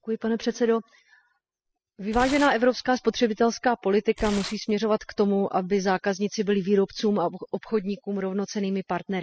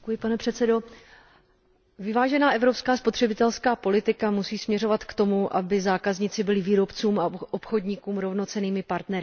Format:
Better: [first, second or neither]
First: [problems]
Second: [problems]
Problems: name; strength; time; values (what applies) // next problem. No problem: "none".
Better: second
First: noise reduction (classical method spectral subtraction)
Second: none